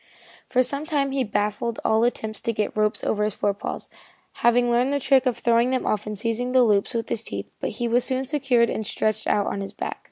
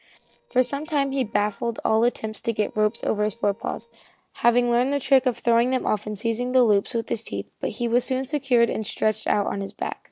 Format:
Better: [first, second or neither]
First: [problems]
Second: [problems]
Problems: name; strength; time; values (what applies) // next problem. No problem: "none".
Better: first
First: none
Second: noise reduction (neural separator model SepFormer DNS4)